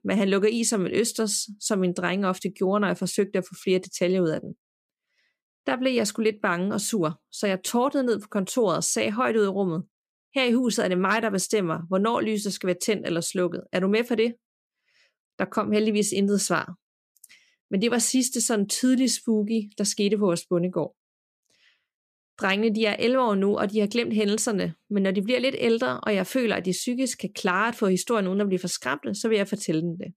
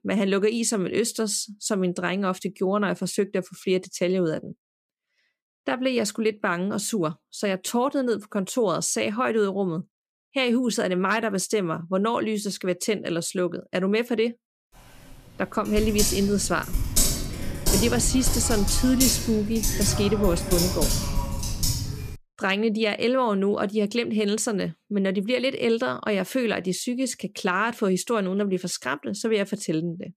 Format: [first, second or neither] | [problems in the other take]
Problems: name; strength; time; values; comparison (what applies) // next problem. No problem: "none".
first | keyboard typing; loud; from 16 to 22 s; peak 3 dB above the speech